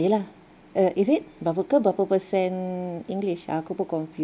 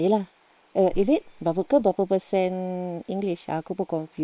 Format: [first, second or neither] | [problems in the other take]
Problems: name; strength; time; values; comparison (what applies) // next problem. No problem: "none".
first | noise reduction (neural separator model SepFormer WHAM!)